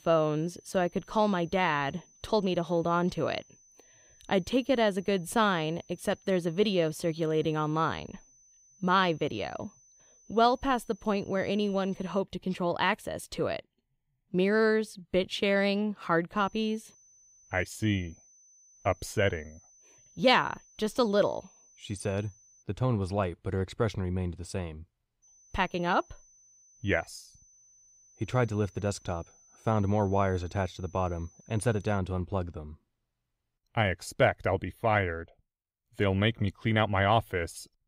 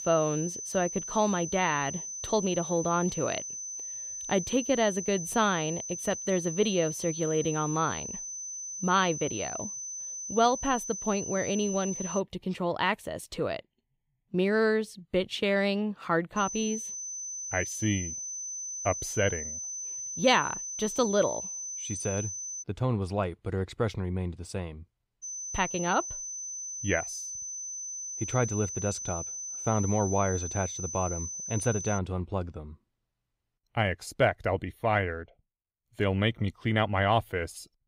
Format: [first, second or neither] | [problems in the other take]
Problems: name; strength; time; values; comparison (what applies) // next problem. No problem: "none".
first | high-pitched whine; loud; until 12 s, from 16 to 23 s and from 25 to 32 s; 6 kHz, 5 dB below the speech; faint in the first